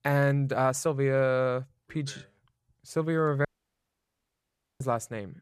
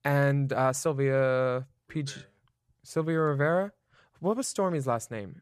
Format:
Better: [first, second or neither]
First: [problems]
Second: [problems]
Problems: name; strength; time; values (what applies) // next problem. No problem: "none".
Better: second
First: audio cutting out; at 3.5 s for 1.5 s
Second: none